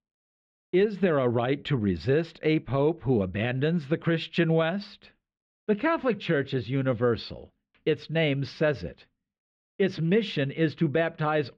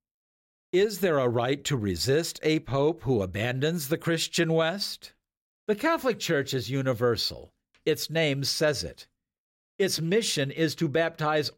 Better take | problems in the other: second | muffled; very; fading above 3 kHz

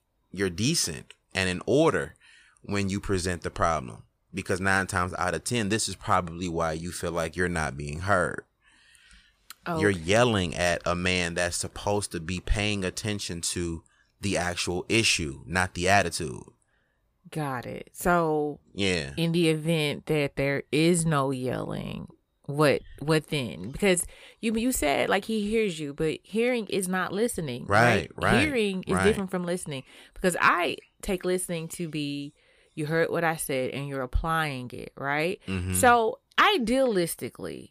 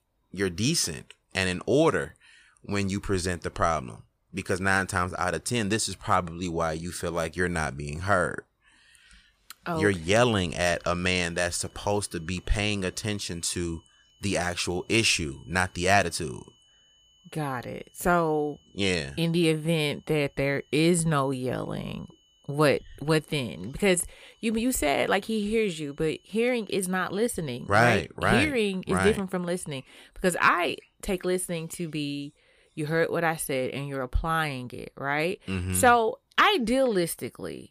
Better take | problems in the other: first | high-pitched whine; faint; from 9.5 to 28 s; 3 kHz, 35 dB below the speech

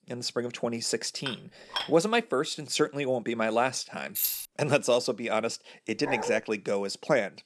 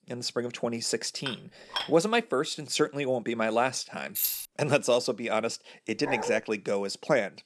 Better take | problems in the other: neither | clattering dishes; noticeable; at 1.5 s; peak 5 dB below the speech; the same in both // jangling keys; loud; at 4 s; peak 1 dB above the speech; the same in both // dog barking; noticeable; at 6 s; peak 5 dB below the speech; the same in both

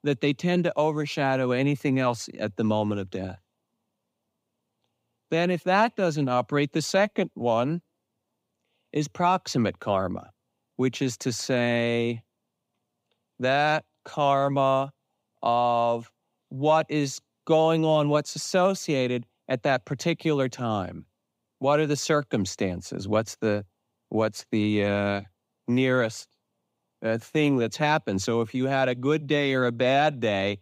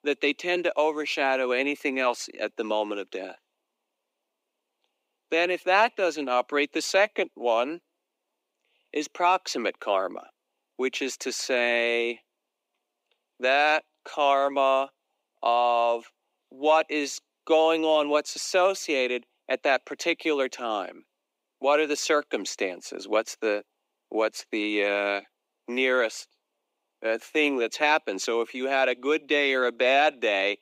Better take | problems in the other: first | thin; somewhat; fading below 300 Hz

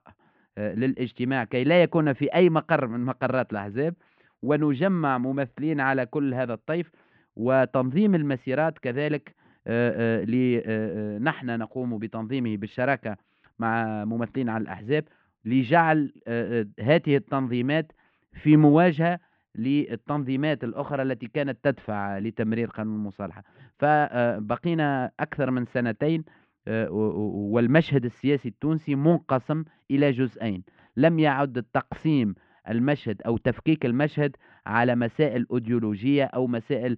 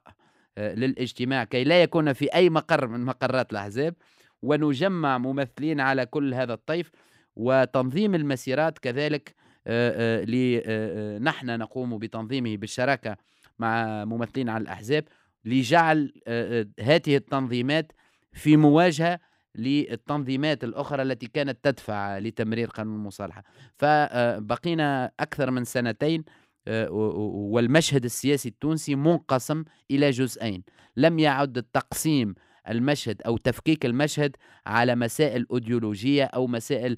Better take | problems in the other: second | muffled; very; fading above 2.5 kHz

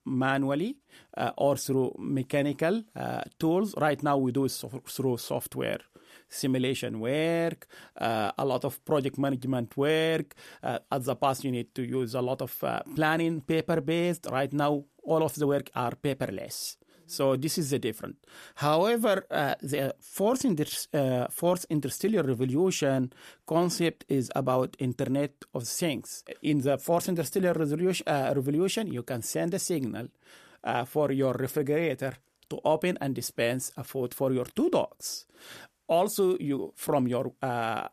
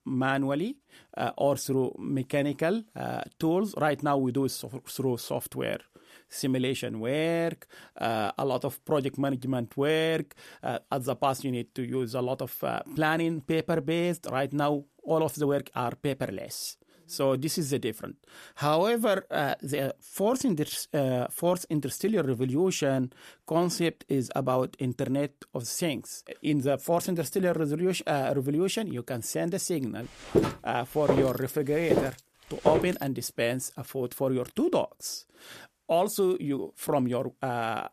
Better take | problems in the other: first | footsteps; loud; from 30 to 33 s; peak 2 dB above the speech

